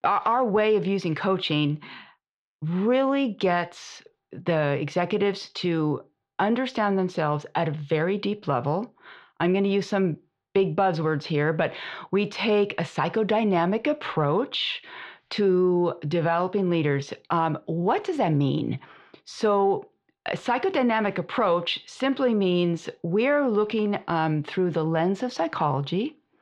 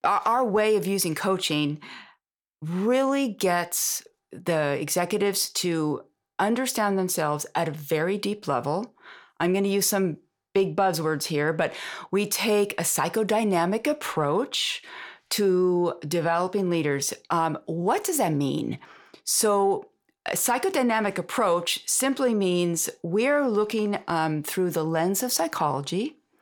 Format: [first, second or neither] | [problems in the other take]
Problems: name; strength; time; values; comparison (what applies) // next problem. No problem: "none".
second | muffled; slightly; fading above 3.5 kHz